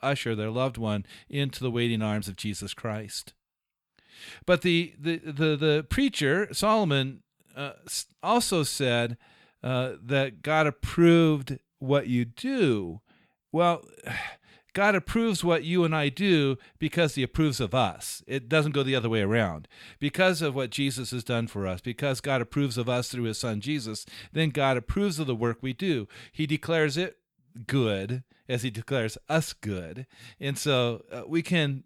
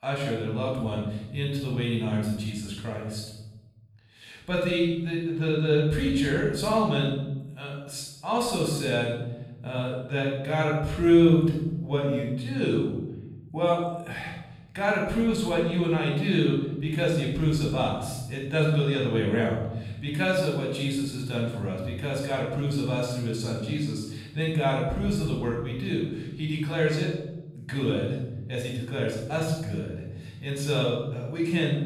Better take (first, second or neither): first